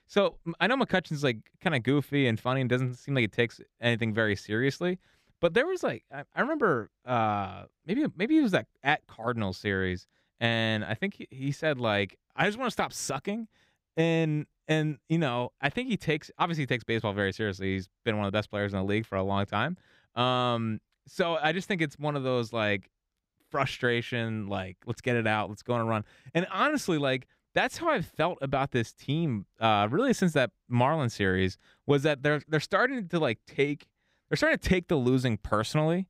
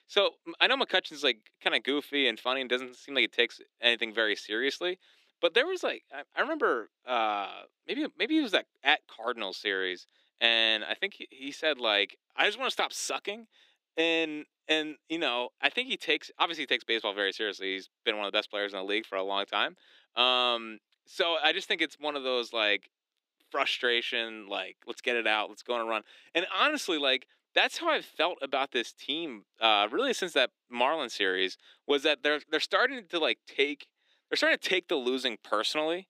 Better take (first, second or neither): first